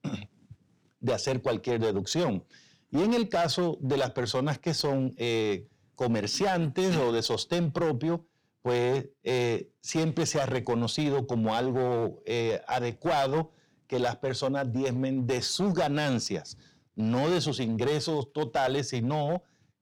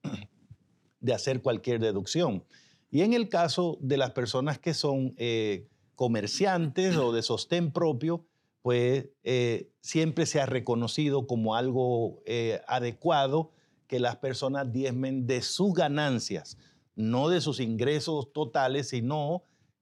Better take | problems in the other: second | distortion; slight; 11% of the sound clipped

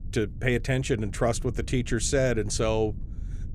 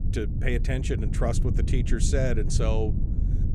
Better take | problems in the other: first | low rumble; loud; throughout; 9 dB below the speech; faint in the first

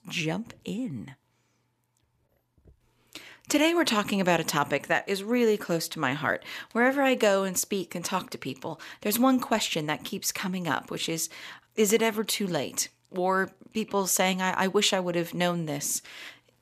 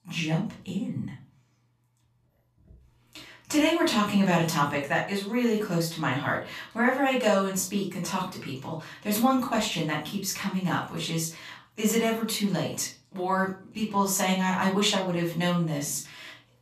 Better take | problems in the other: first | off-mic speech; far // room echo; slight; dies away in 0.3 s

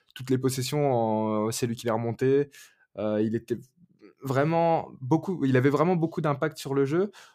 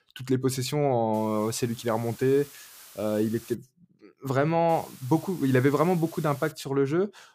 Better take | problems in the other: first | hiss; faint; from 1 to 3.5 s and from 4.5 to 6.5 s; 20 dB below the speech

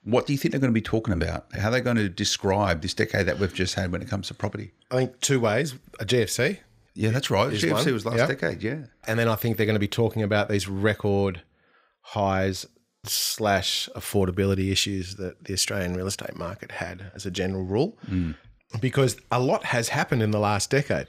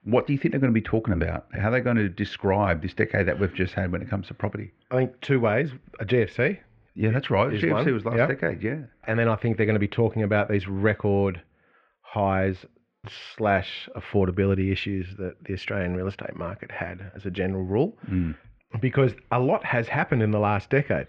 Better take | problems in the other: first | muffled; very; fading above 2.5 kHz

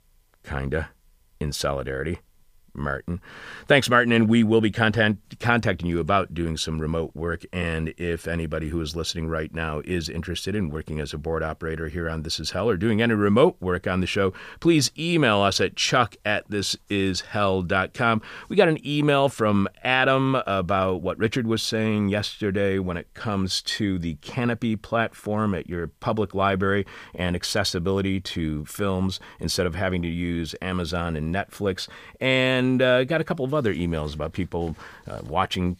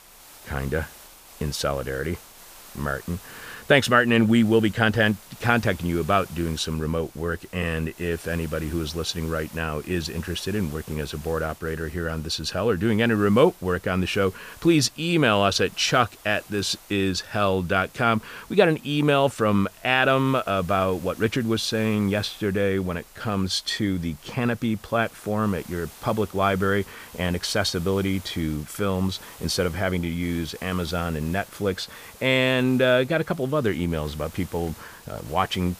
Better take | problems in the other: first | hiss; faint; throughout; 20 dB below the speech

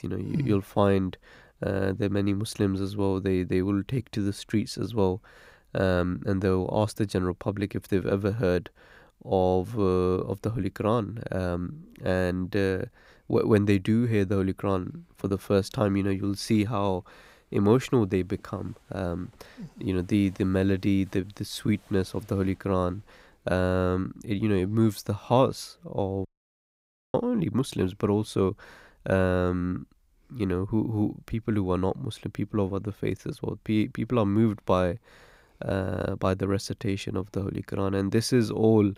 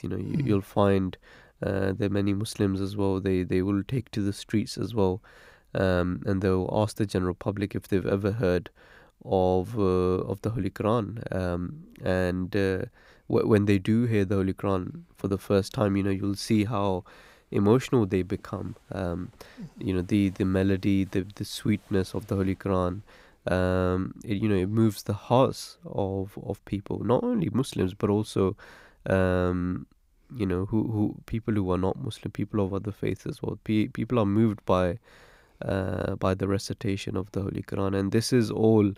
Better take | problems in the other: second | audio cutting out; at 26 s for 1 s

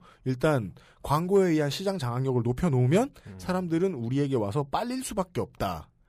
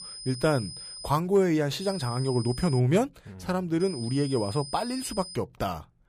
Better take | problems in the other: first | high-pitched whine; noticeable; until 1 s, at 2 s and from 4 to 5.5 s; 5 kHz, 10 dB below the speech

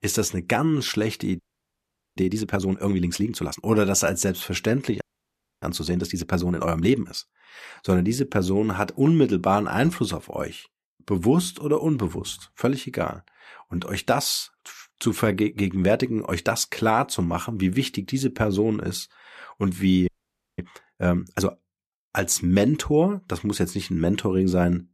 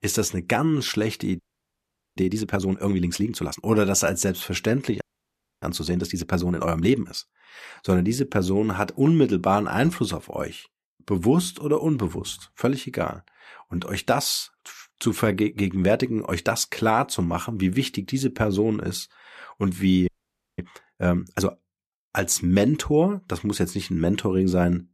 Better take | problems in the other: neither | audio freezing; at 1.5 s for 1 s, at 5 s for 0.5 s and at 20 s for 0.5 s; the same in both

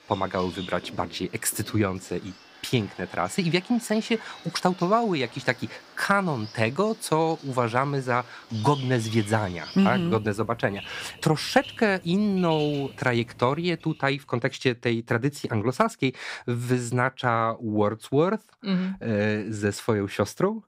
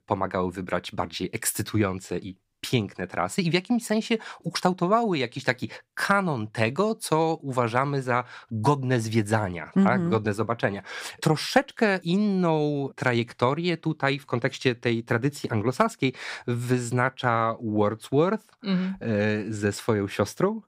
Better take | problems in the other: second | animal sounds; noticeable; until 14 s; 15 dB below the speech

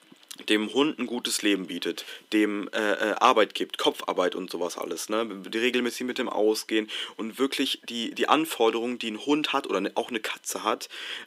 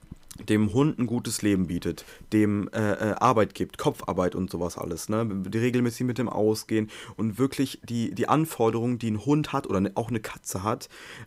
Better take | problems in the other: second | thin; somewhat; fading below 300 Hz

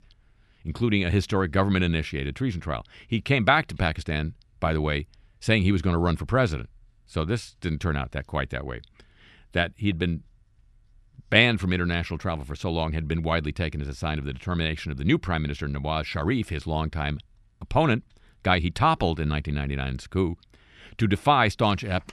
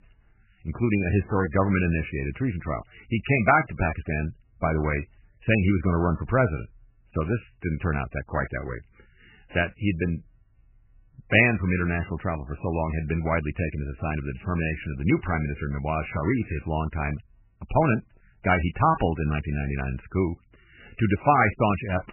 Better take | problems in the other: first | garbled, watery; badly; nothing above 3 kHz

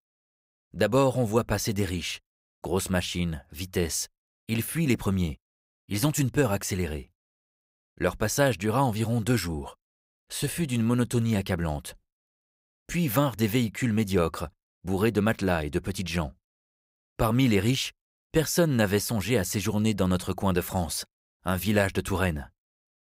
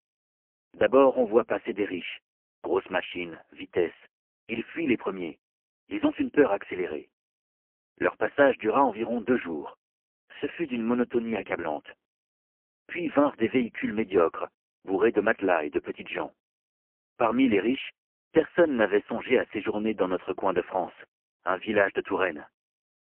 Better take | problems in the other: first | phone-call audio; poor line; nothing above 3 kHz

